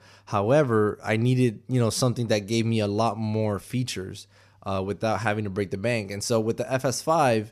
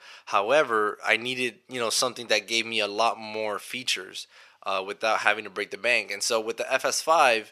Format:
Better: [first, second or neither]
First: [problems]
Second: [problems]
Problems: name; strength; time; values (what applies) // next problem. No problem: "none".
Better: first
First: none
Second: thin; very; fading below 550 Hz